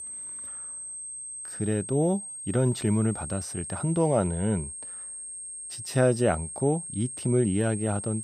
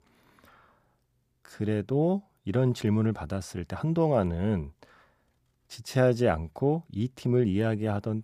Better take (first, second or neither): second